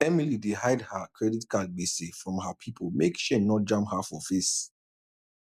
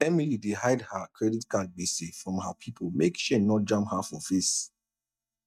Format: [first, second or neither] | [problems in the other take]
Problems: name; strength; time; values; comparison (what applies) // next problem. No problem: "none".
first | noise reduction (neural mask model DeepFilterNet 3)